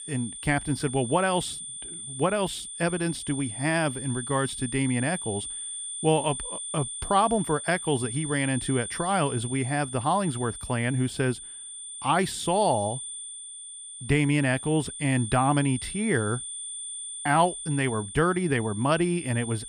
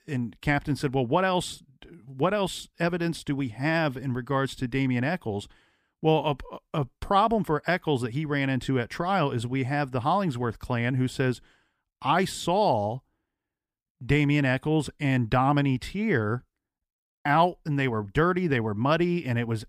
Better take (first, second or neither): second